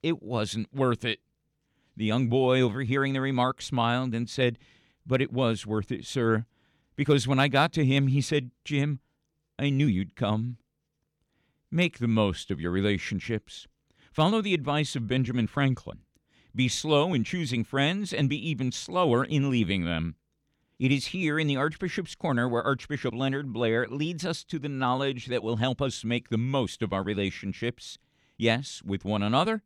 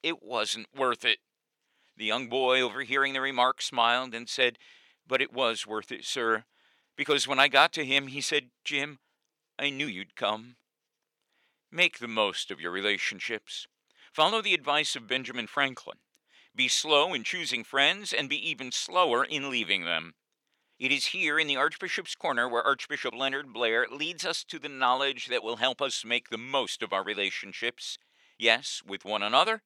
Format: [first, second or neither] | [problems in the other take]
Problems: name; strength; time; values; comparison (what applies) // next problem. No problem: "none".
first | thin; very; fading below 600 Hz